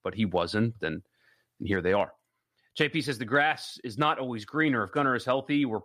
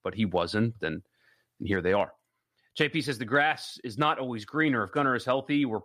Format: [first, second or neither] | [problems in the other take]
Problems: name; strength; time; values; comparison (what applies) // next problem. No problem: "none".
neither | none